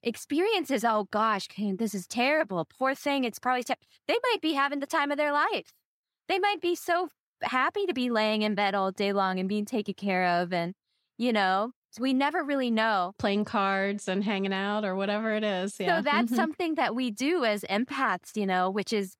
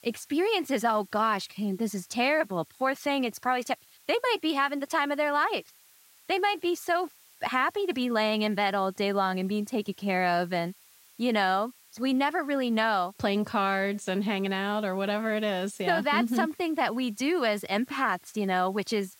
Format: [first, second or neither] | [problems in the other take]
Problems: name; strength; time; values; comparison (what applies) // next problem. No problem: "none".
first | hiss; faint; throughout; 25 dB below the speech